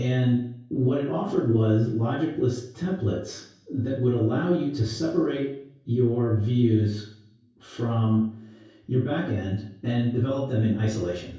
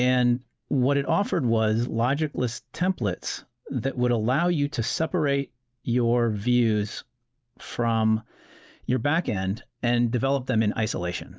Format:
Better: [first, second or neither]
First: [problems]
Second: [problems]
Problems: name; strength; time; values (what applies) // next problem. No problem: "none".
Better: second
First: room echo; dies away in 0.6 s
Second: none